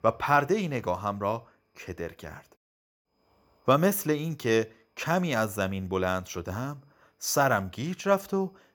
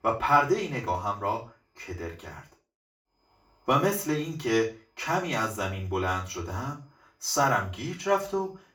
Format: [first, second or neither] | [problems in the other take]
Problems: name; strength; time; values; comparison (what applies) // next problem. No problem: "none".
first | room echo; very slight; dies away in 0.3 s // off-mic speech; far